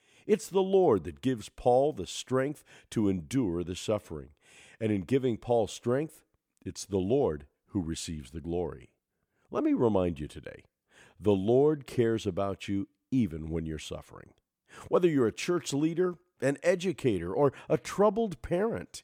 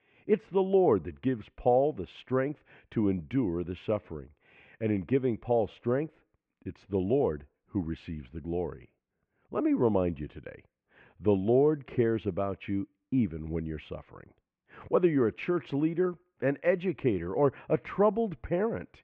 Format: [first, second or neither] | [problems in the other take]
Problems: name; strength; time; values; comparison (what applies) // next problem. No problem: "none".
first | muffled; very; fading above 2.5 kHz